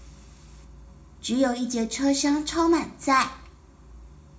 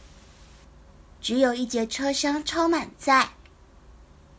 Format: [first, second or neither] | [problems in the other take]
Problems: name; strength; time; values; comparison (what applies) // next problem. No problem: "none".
second | room echo; dies away in 0.3 s